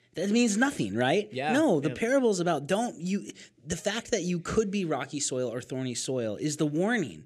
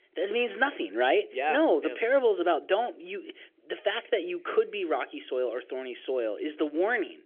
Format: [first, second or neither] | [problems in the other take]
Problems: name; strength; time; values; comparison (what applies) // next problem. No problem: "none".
first | phone-call audio; nothing above 3.5 kHz